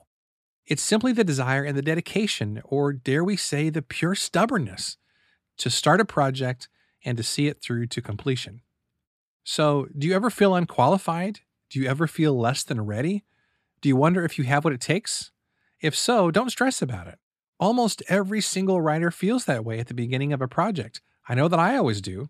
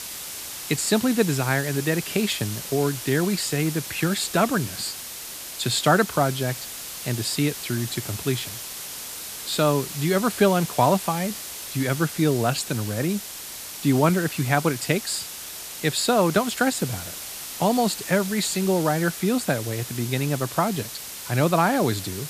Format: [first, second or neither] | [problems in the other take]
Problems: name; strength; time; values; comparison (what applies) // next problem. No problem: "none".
first | hiss; loud; throughout; 9 dB below the speech